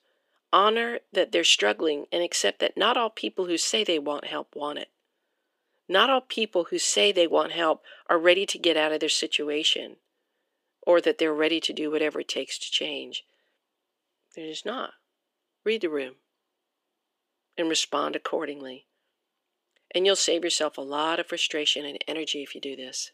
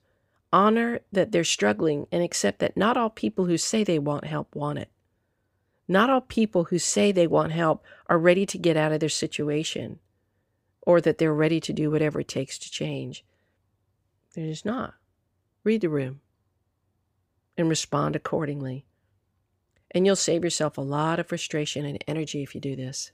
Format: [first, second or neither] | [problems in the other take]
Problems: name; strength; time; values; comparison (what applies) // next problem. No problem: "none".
second | thin; somewhat; fading below 300 Hz